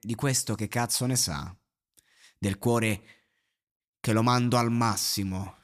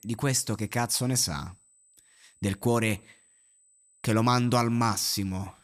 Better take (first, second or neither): first